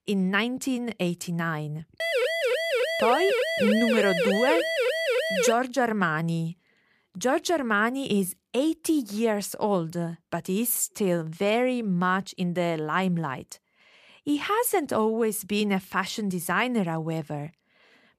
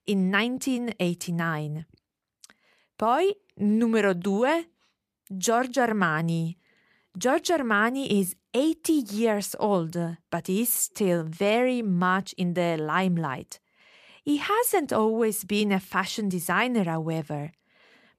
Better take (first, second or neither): second